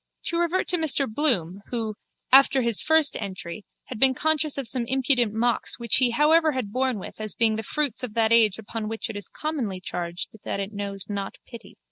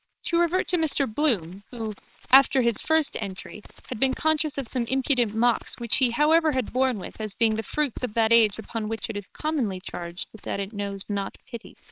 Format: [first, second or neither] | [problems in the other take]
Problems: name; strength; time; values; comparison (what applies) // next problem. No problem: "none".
first | noise reduction (neural separator model SepFormer WHAMR!)